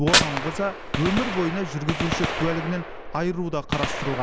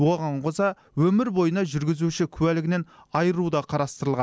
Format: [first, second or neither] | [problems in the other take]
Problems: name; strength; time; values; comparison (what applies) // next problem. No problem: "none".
second | background sound (Gunshot, gunfire + Fire); as loud as the speech